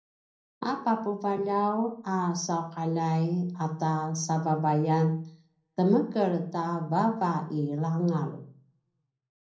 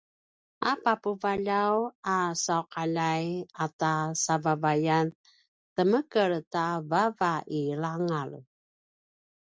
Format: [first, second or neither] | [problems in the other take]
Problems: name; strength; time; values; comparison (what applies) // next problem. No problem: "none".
second | room echo; dies away in 0.6 s